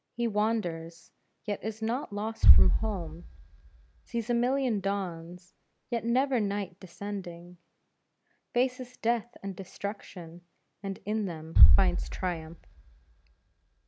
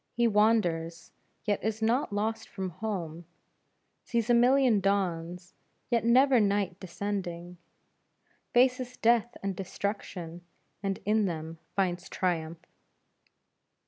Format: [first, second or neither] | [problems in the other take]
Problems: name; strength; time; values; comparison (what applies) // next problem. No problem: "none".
second | background sound (Bass drum); 5 dB above the speech